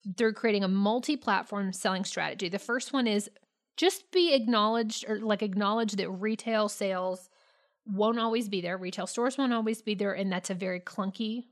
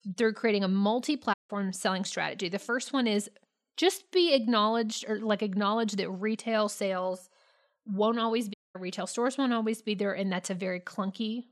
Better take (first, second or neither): first